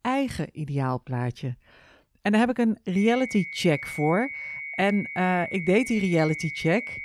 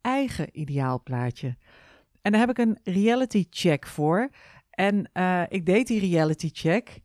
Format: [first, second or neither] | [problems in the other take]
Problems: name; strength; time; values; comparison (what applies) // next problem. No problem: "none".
second | high-pitched whine; loud; from 3 s on; 2 kHz, 8 dB below the speech